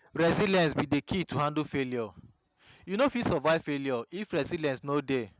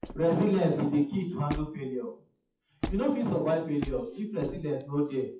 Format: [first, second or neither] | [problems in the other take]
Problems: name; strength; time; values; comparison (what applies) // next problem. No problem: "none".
first | noise reduction (classical method WPE with log-MMSE)